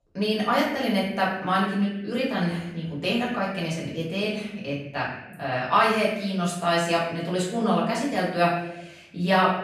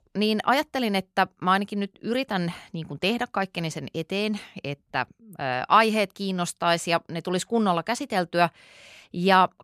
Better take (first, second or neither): second